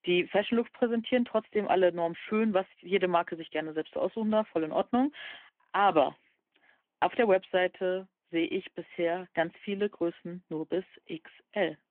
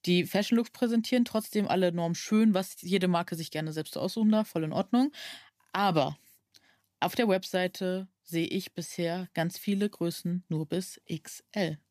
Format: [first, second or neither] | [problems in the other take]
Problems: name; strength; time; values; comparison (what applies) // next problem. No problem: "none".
second | phone-call audio